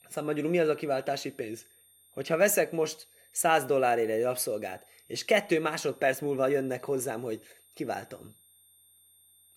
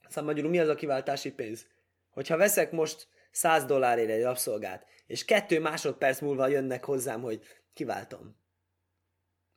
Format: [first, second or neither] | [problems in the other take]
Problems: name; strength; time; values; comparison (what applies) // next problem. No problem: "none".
second | high-pitched whine; faint; throughout; 9 kHz, 30 dB below the speech